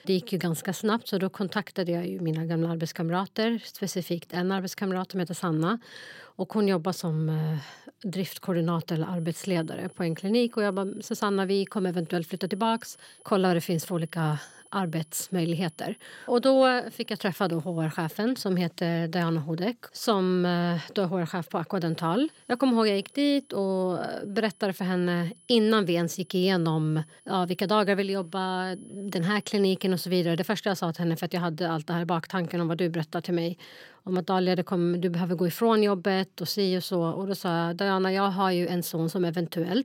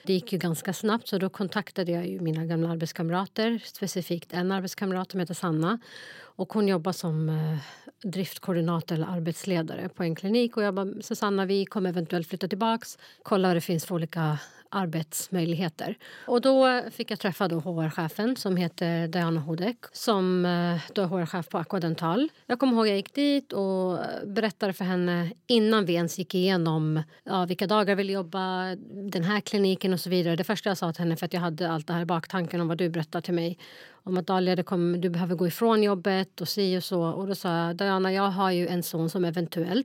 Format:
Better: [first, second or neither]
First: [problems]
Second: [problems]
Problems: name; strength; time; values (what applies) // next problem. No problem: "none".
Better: second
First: high-pitched whine; faint; from 9 to 18 s and from 22 to 30 s; 10.5 kHz, 30 dB below the speech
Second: none